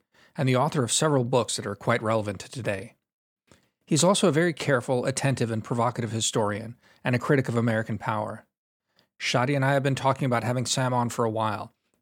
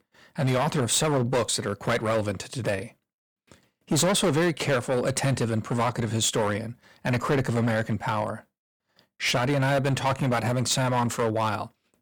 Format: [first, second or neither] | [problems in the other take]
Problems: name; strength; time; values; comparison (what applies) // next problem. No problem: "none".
first | distortion; heavy; 10% of the sound clipped